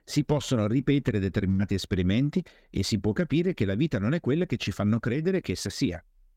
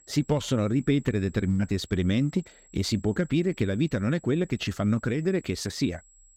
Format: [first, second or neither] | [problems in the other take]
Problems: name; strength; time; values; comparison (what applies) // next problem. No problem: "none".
first | high-pitched whine; faint; throughout; 7.5 kHz, 30 dB below the speech